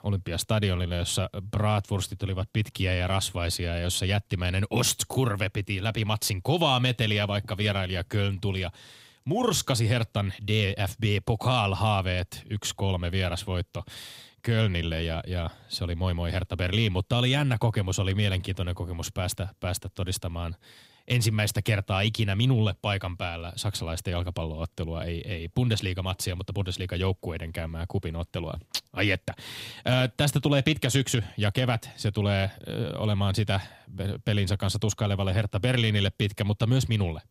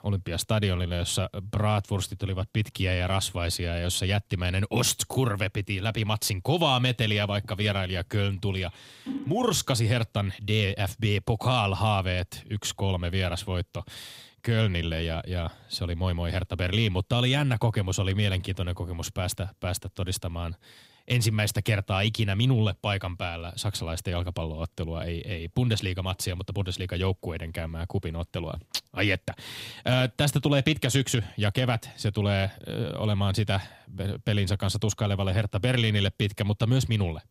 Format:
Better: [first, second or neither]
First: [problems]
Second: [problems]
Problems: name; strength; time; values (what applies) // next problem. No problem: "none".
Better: first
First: none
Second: phone ringing; noticeable; at 9 s; peak 8 dB below the speech